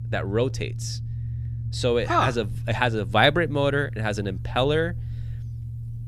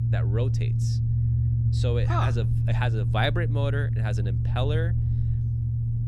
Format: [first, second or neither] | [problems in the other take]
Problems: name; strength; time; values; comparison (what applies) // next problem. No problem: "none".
first | low rumble; loud; throughout; 6 dB below the speech; faint in the first